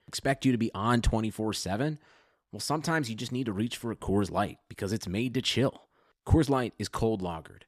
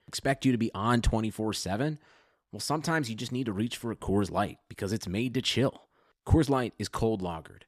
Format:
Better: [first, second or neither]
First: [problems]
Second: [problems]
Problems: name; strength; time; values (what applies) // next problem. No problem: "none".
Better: neither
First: none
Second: none